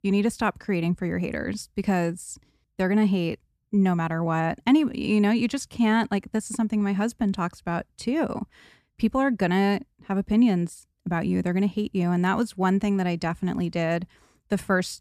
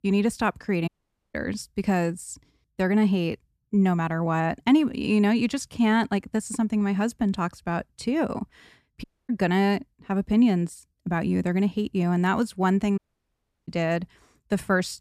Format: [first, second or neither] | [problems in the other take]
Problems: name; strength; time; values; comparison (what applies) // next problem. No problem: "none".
first | audio cutting out; at 1 s, at 9 s and at 13 s for 0.5 s